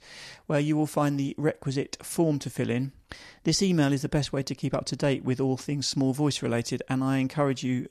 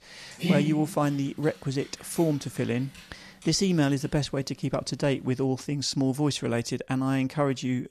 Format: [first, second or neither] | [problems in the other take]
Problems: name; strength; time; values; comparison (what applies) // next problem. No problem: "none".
first | dog barking; loud; at 0.5 s; peak 1 dB above the speech